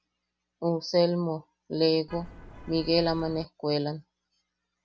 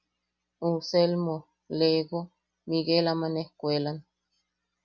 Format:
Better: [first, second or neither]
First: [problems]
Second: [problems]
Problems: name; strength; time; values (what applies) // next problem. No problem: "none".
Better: second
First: background sound (Vehicle horn, car horn, honking); 15 dB below the speech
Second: none